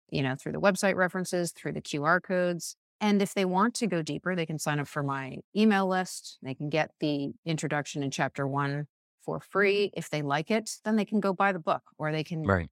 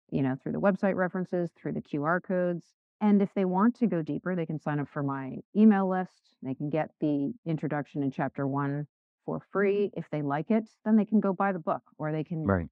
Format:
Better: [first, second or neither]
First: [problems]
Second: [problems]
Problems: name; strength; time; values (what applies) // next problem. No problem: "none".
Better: first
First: none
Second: muffled; very; fading above 1.5 kHz